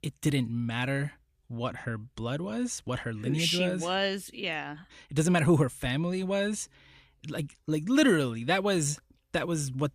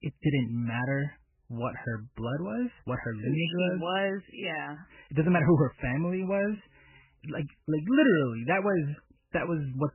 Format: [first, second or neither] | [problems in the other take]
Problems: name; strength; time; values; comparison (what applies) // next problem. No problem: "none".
first | garbled, watery; badly; nothing above 3 kHz